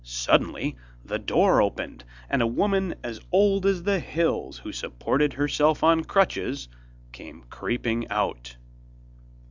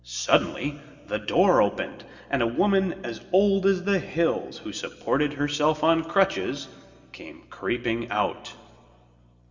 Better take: first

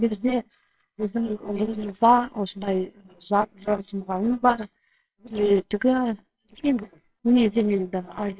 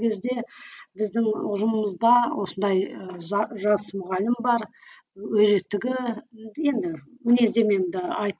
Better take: second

